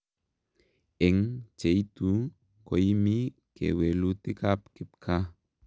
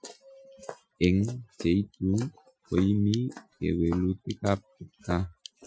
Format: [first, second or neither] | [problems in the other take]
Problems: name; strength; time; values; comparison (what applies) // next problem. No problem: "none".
first | noise reduction (classical method Wiener filter)